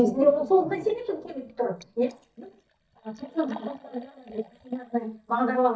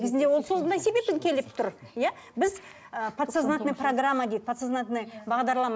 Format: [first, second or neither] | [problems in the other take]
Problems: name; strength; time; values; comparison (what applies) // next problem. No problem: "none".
second | noise reduction (neural mask model DeepFilterNet 3)